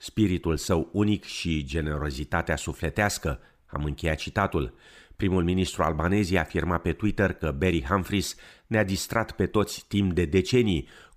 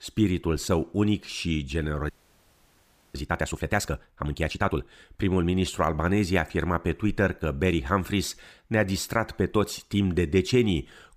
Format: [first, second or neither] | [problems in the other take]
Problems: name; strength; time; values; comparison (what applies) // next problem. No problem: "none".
first | audio freezing; at 2 s for 1 s